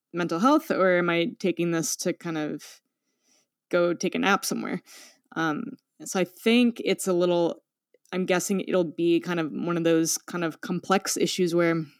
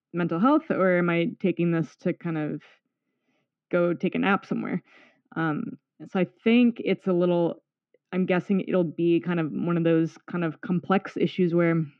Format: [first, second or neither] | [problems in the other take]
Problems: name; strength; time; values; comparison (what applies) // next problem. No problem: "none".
first | muffled; very; fading above 2.5 kHz